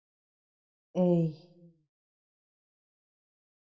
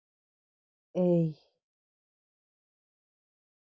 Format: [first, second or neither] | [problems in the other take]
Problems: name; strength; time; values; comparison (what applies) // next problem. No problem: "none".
second | room echo; dies away in 0.3 s